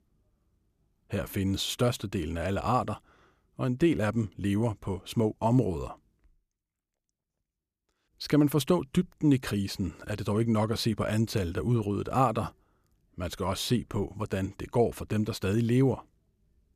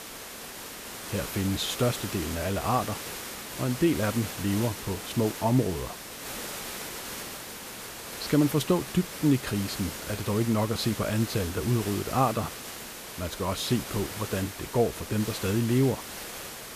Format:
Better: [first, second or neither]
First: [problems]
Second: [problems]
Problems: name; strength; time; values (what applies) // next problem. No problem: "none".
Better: first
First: none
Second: hiss; loud; throughout; 8 dB below the speech